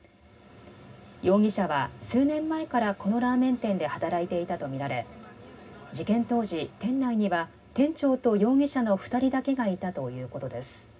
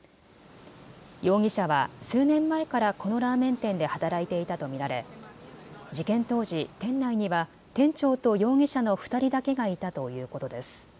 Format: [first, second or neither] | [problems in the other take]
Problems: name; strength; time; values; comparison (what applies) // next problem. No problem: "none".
second | room echo; dies away in 0.4 s